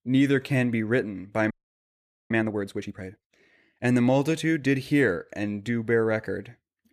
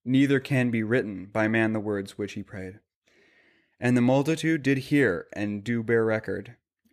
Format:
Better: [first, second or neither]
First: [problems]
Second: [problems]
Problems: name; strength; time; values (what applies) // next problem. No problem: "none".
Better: second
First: audio freezing; at 1.5 s for 1 s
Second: none